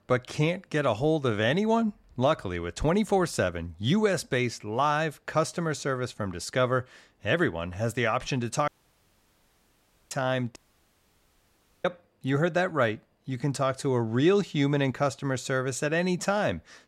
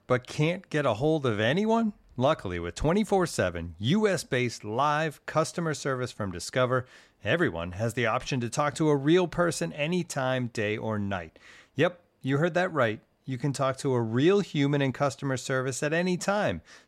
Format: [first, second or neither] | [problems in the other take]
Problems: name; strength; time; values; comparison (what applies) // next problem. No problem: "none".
second | audio cutting out; at 8.5 s for 1.5 s and at 11 s for 1.5 s